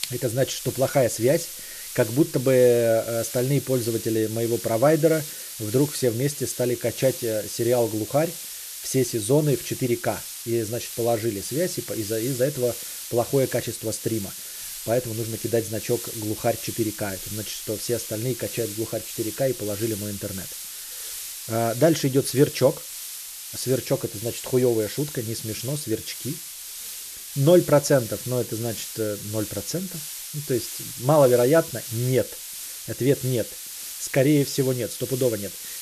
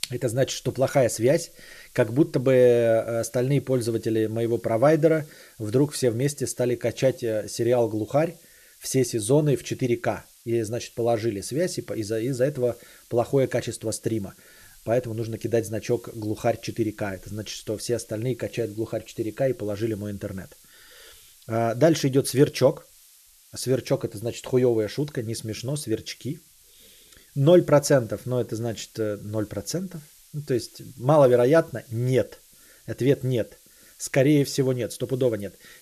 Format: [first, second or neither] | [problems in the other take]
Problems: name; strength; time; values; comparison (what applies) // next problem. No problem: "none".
second | hiss; loud; throughout; 8 dB below the speech; faint in the second